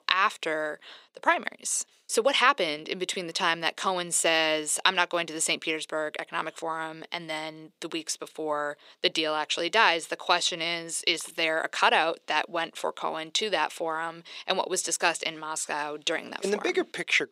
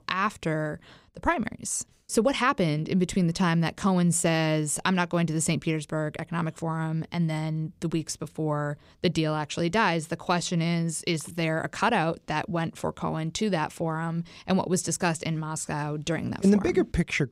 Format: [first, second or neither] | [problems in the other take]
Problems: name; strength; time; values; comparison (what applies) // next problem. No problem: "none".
second | thin; very; fading below 400 Hz